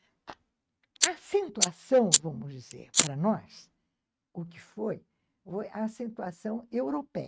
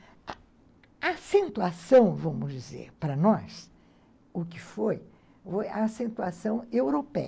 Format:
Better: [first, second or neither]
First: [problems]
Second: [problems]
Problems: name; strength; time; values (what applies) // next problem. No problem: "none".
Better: second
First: noise reduction (neural mask model RNNoise)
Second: none